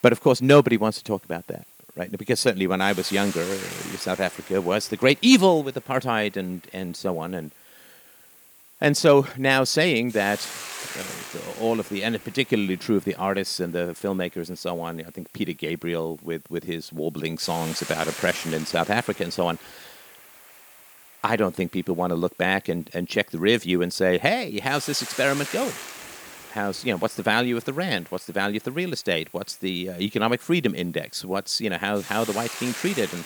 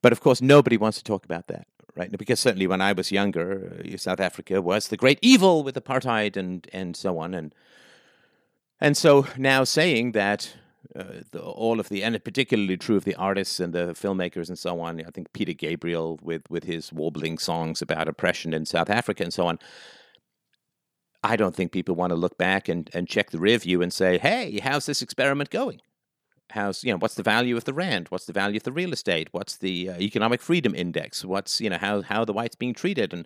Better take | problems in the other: second | hiss; noticeable; throughout; 15 dB below the speech

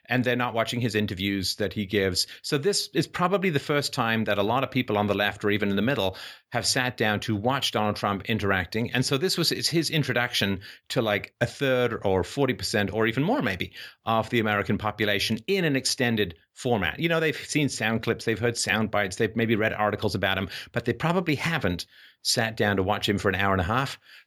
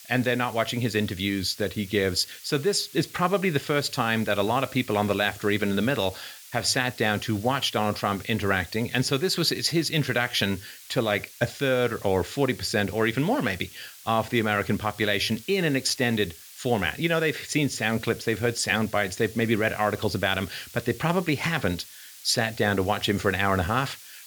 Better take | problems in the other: first | hiss; noticeable; throughout; 20 dB below the speech

